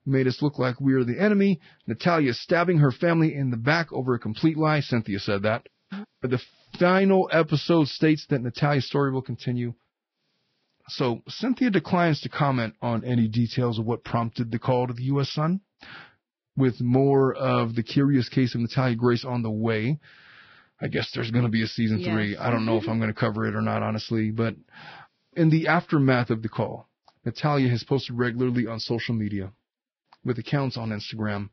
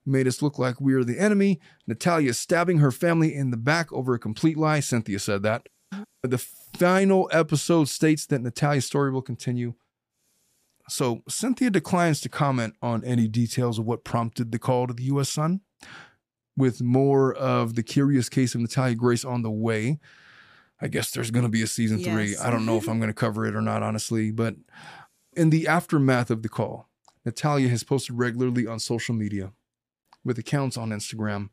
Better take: second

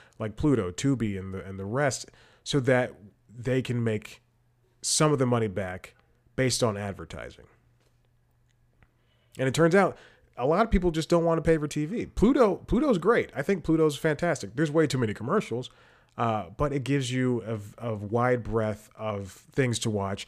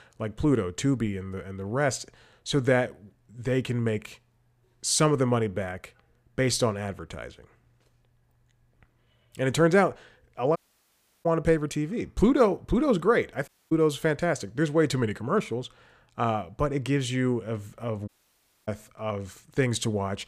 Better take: first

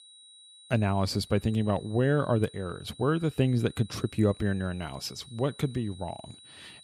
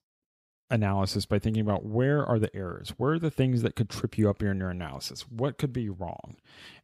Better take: second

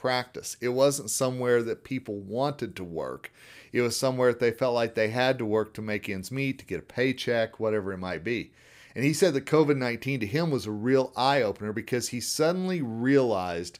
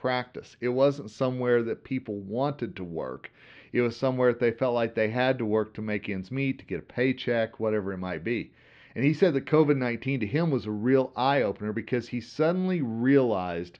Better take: first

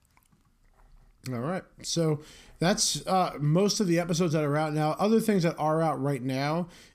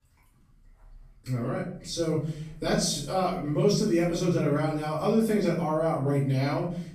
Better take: first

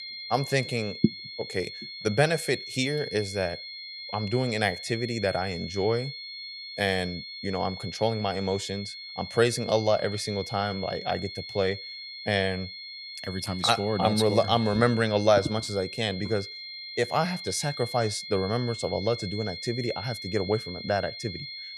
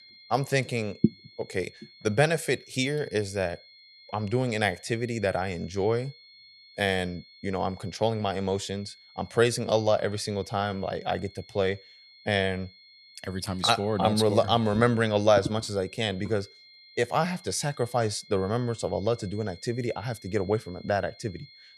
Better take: second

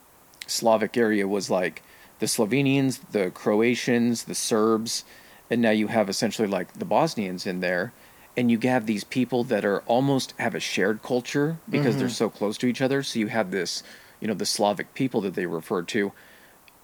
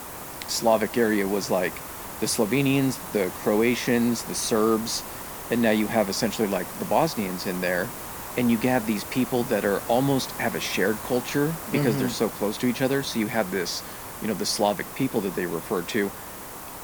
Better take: first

